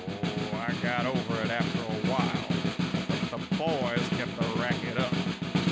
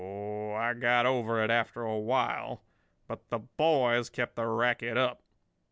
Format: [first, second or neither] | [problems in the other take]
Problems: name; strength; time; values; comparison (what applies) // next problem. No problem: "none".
second | background sound (Snare drum); 5 dB above the speech